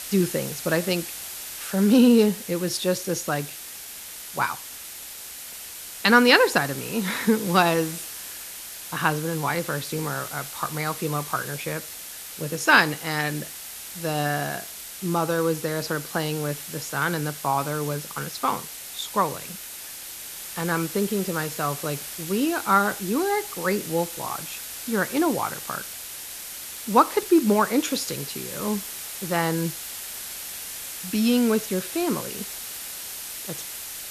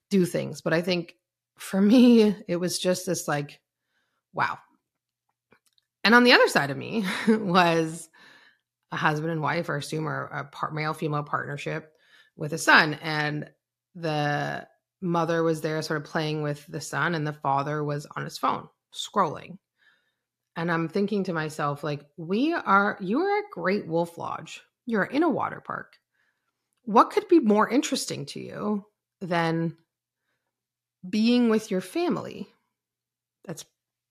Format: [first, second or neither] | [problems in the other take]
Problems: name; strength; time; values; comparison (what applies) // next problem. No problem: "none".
second | hiss; loud; throughout; 9 dB below the speech